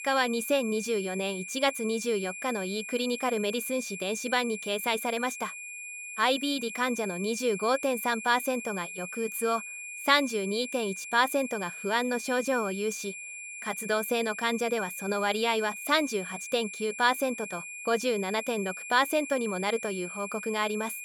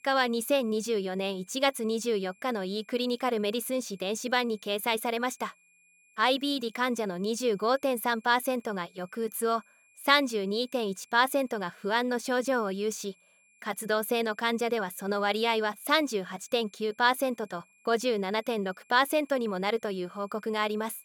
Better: second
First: high-pitched whine; loud; throughout; 2.5 kHz, 9 dB below the speech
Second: high-pitched whine; faint; throughout; 2.5 kHz, 30 dB below the speech

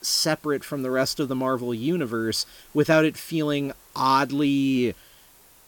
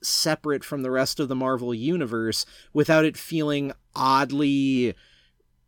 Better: second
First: hiss; faint; throughout; 25 dB below the speech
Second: none

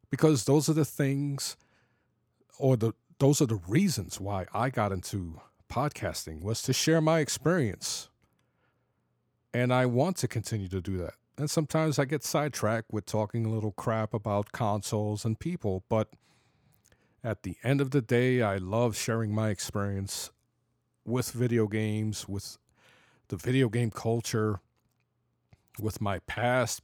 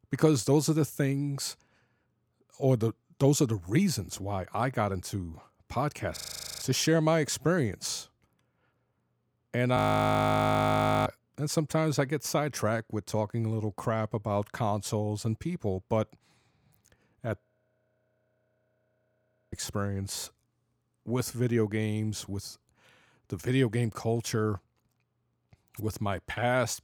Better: first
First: none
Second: audio freezing; at 6 s, at 10 s for 1.5 s and at 17 s for 2 s

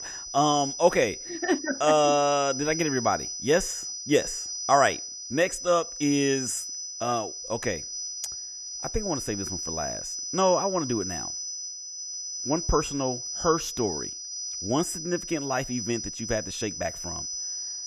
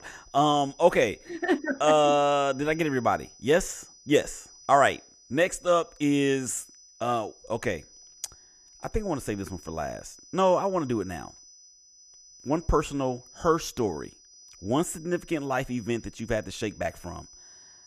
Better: second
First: high-pitched whine; loud; throughout; 6 kHz, 6 dB below the speech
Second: high-pitched whine; faint; throughout; 6 kHz, 25 dB below the speech

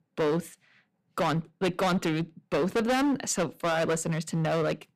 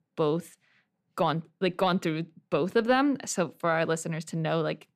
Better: second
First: distortion; heavy; 15% of the sound clipped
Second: none

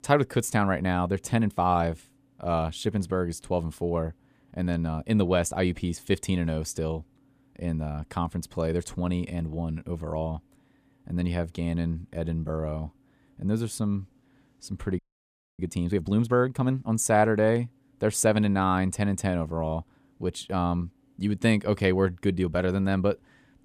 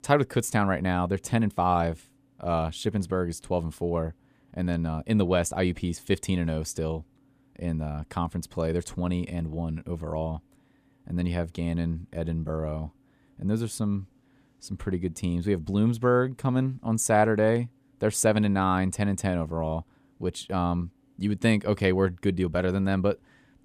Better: second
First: audio freezing; at 15 s for 0.5 s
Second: none

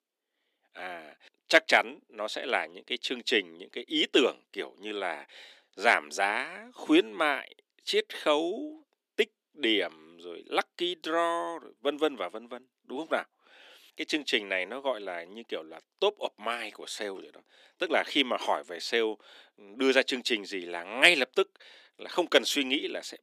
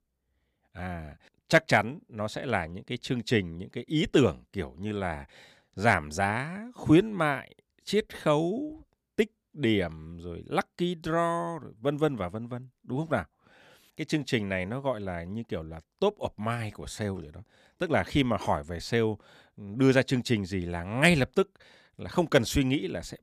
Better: second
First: thin; somewhat; fading below 300 Hz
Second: none

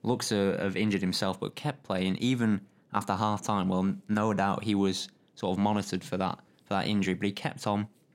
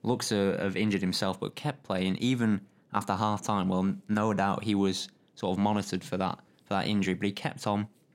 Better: neither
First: none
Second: none

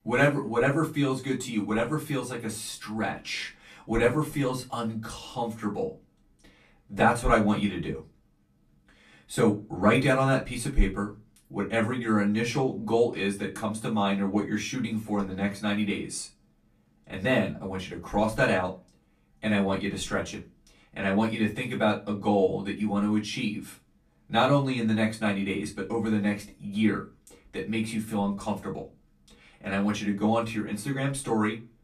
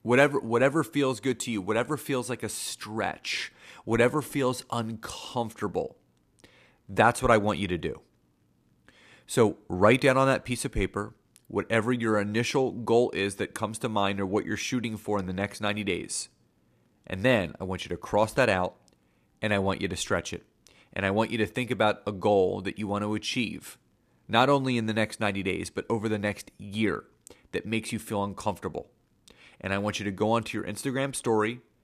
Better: second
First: off-mic speech; far // room echo; very slight; dies away in 0.2 s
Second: none

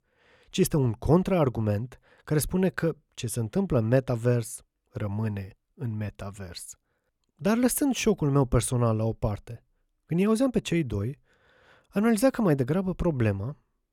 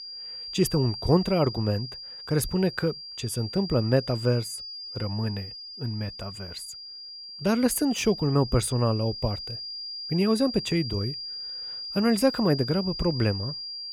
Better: first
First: none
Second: high-pitched whine; loud; throughout; 5 kHz, 9 dB below the speech

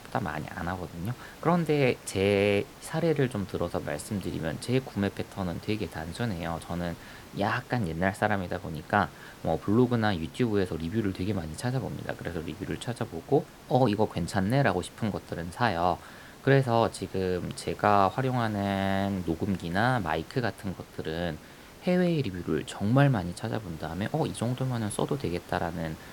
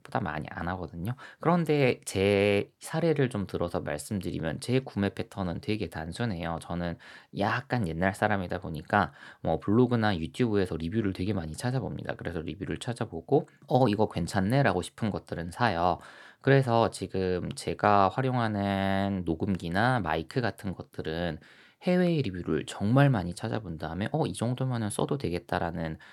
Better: second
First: hiss; noticeable; throughout; 20 dB below the speech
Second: none

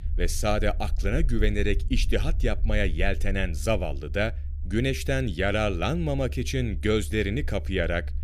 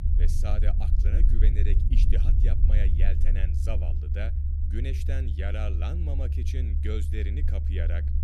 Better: first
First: low rumble; faint; throughout; 25 dB below the speech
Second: low rumble; loud; throughout; 4 dB below the speech

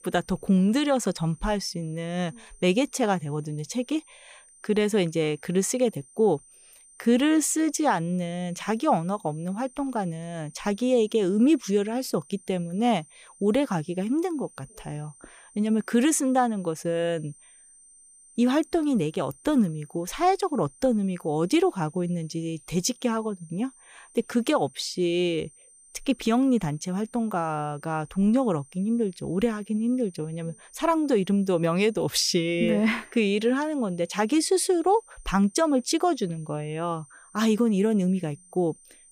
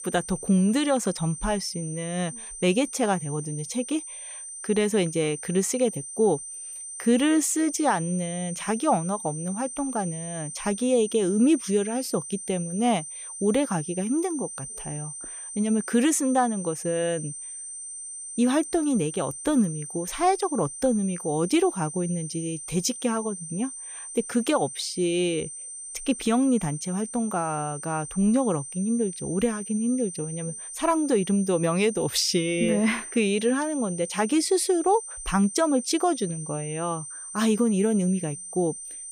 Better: first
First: high-pitched whine; faint; throughout; 9 kHz, 25 dB below the speech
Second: high-pitched whine; loud; throughout; 9 kHz, 9 dB below the speech

